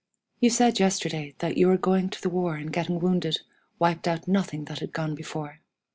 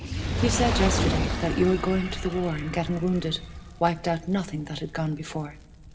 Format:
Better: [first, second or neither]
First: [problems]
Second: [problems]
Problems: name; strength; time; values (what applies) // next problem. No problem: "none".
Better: first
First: none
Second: background sound (Fire); 3 dB below the speech // room echo; dies away in 1.8 s